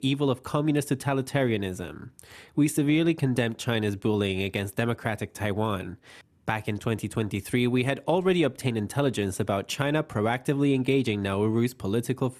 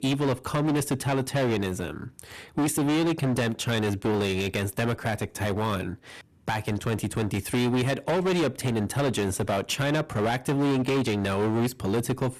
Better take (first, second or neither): first